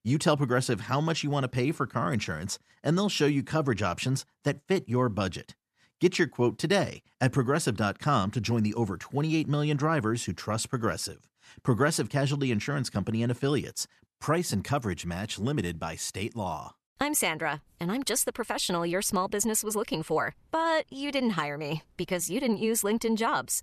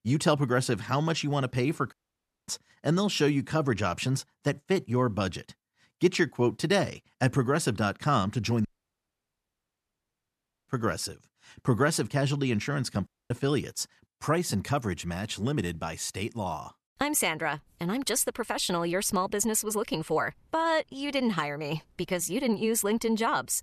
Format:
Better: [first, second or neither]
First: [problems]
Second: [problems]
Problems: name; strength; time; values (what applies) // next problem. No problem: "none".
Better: first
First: none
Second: audio cutting out; at 2 s for 0.5 s, at 8.5 s for 2 s and at 13 s